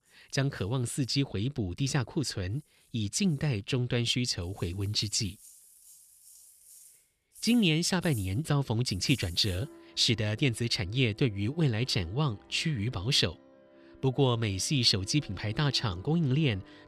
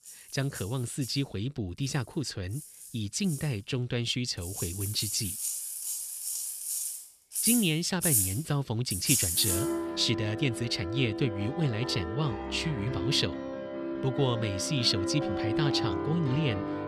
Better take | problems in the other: first | background music; loud; throughout; 1 dB below the speech; faint in the first

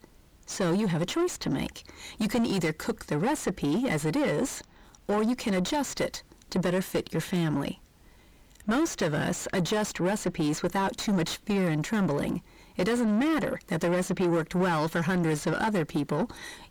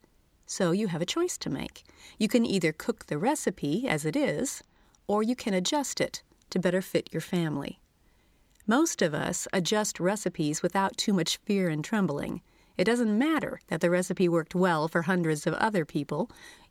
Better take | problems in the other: second | distortion; heavy; 7 dB below the speech

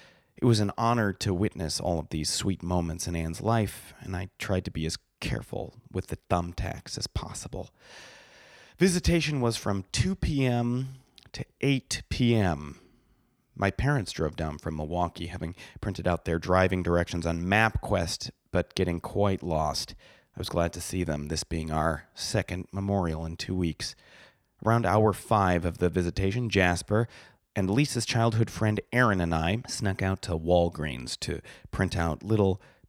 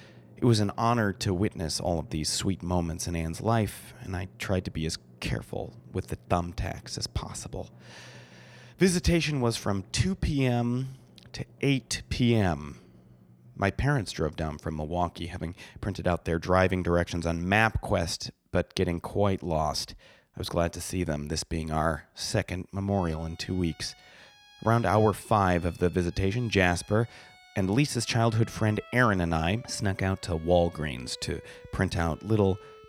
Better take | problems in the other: first | background music; faint; throughout; 25 dB below the speech

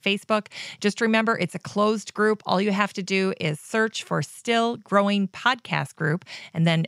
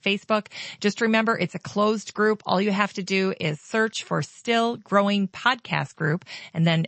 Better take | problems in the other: first | garbled, watery; slightly; nothing above 8 kHz

